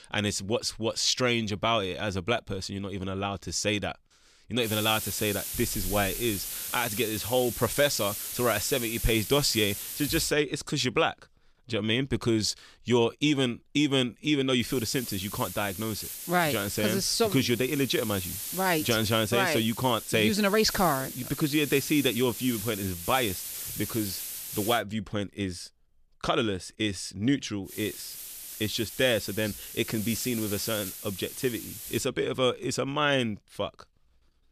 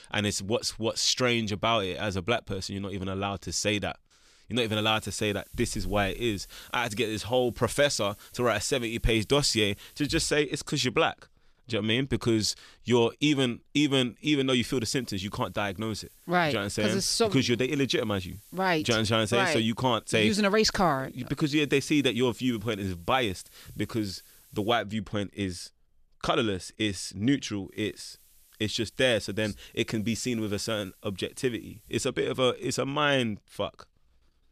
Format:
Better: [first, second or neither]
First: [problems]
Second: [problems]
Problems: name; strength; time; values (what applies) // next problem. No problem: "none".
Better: second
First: hiss; loud; from 4.5 to 10 s, from 15 to 25 s and from 28 to 32 s; 7 dB below the speech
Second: hiss; faint; from 4.5 to 10 s, from 15 to 25 s and from 28 to 32 s; 25 dB below the speech